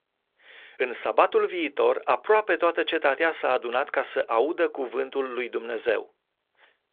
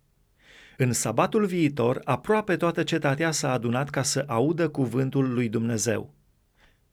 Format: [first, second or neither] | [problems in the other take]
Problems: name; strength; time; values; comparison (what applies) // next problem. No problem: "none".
second | phone-call audio; nothing above 3.5 kHz